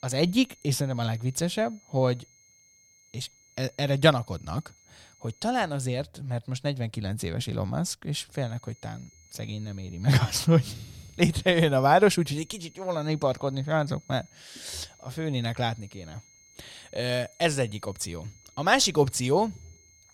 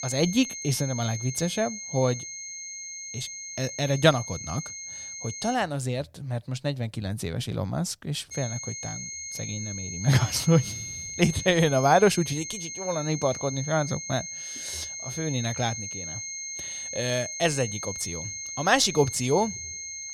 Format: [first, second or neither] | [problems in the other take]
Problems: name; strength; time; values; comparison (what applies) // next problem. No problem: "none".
first | high-pitched whine; loud; until 5.5 s and from 8.5 s on; 6.5 kHz, 7 dB below the speech; faint in the first